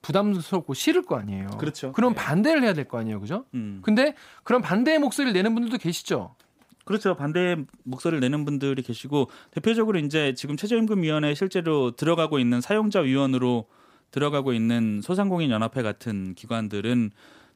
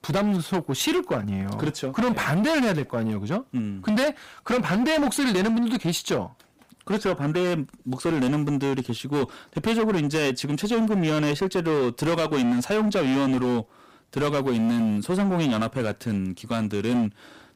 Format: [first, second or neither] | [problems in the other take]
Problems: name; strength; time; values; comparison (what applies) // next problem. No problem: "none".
first | distortion; heavy; 20% of the sound clipped